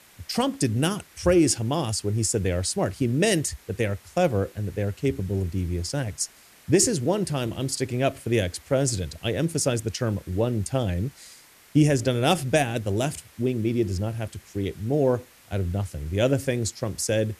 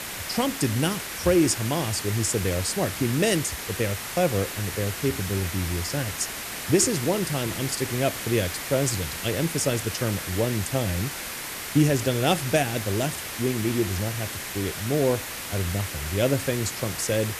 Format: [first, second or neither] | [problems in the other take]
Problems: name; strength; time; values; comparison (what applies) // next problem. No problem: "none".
first | hiss; loud; throughout; 5 dB below the speech; faint in the first